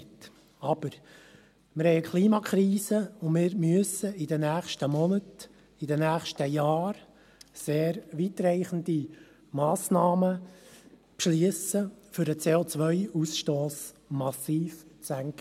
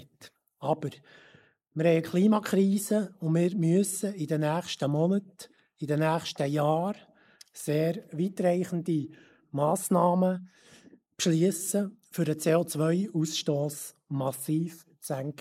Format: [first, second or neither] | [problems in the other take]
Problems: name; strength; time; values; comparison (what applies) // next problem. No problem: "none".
first | noise reduction (neural mask model Resemble Enhance denoiser)